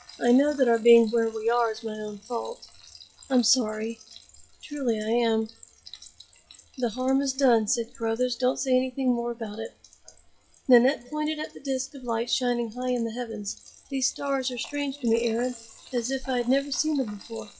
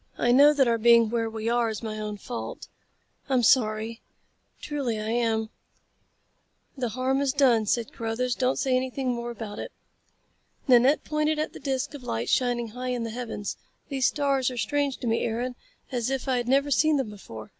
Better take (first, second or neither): second